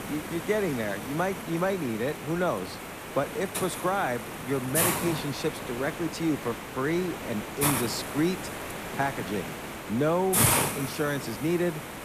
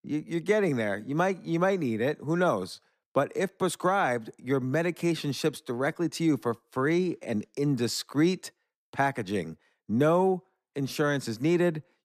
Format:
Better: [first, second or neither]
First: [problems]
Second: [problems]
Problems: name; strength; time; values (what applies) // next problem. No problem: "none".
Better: second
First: hiss; loud; throughout; 2 dB below the speech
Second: none